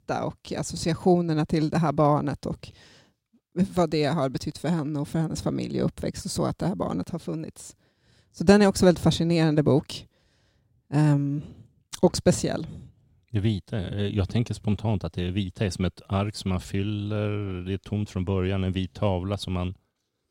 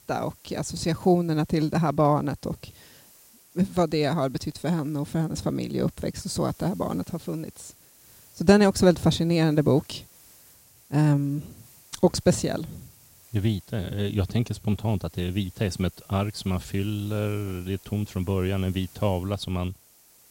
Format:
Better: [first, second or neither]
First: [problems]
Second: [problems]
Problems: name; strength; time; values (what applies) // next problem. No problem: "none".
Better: first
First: none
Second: hiss; faint; throughout; 25 dB below the speech